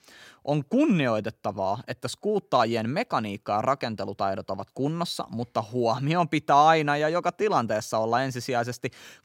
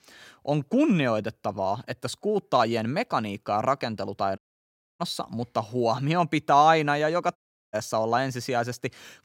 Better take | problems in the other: first | audio cutting out; at 4.5 s for 0.5 s and at 7.5 s

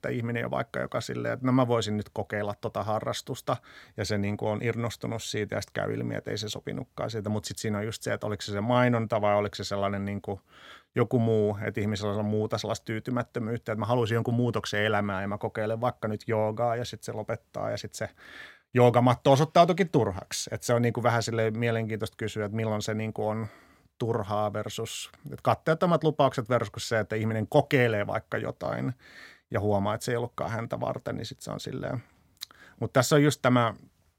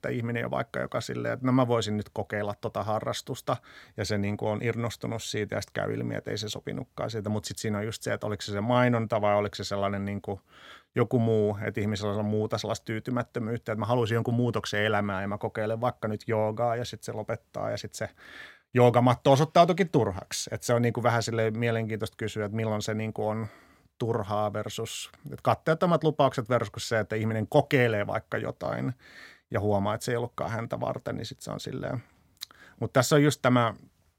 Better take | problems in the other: neither | none

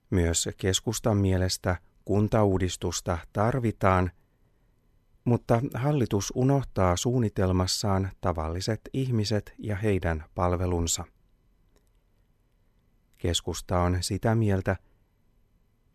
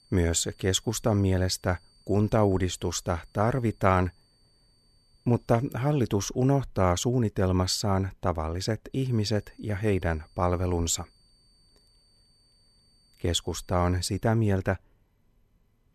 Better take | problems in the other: first | high-pitched whine; faint; until 6 s and from 9 to 14 s; 4.5 kHz, 35 dB below the speech

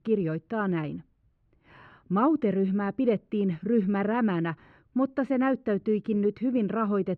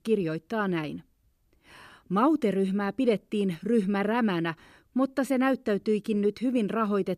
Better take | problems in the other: second | muffled; slightly; fading above 2 kHz

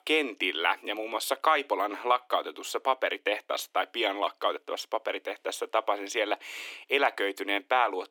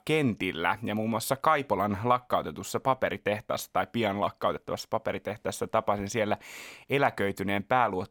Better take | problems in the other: second | thin; somewhat; fading below 300 Hz

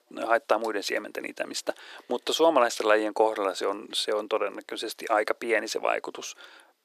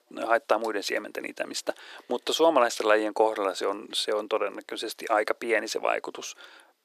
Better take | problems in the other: neither | thin; very; fading below 400 Hz; the same in both

